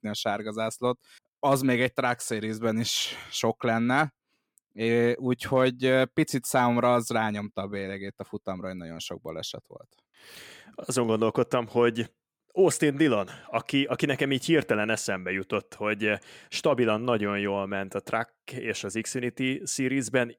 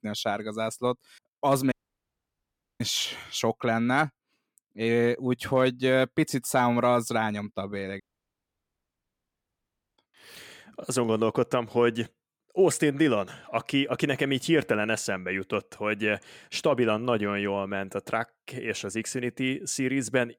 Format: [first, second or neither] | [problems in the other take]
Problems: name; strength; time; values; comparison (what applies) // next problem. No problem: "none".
first | audio cutting out; at 1.5 s for 1 s and at 8 s for 2 s